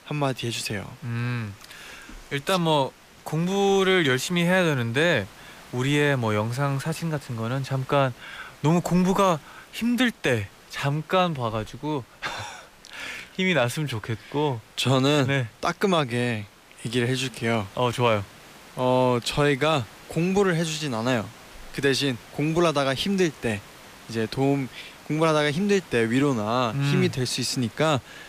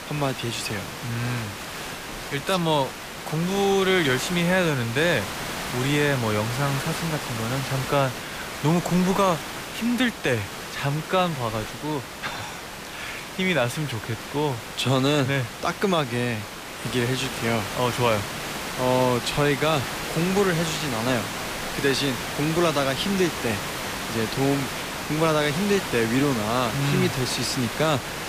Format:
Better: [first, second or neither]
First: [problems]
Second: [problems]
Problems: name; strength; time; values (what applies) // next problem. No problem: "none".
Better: first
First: hiss; faint; throughout; 20 dB below the speech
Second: hiss; loud; throughout; 6 dB below the speech